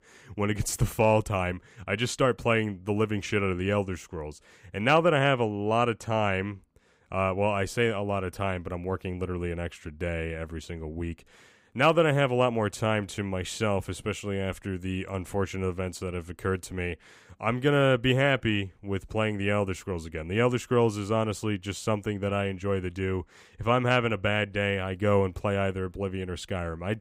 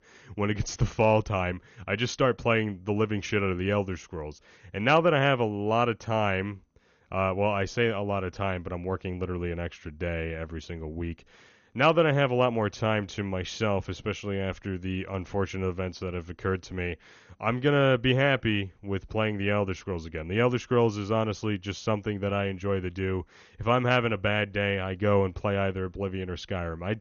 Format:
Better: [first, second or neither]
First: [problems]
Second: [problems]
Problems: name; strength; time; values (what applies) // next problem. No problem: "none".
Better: first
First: none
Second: garbled, watery; slightly; nothing above 6.5 kHz